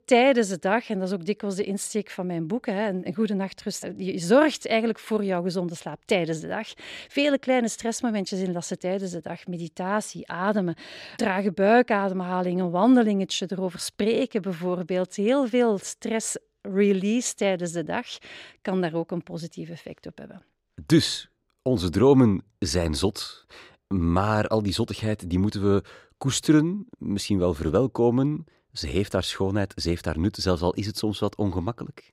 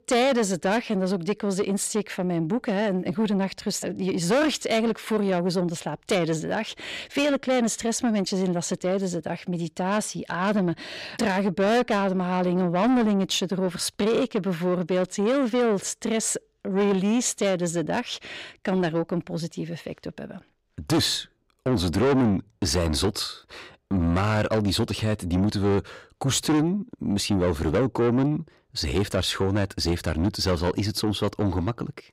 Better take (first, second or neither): first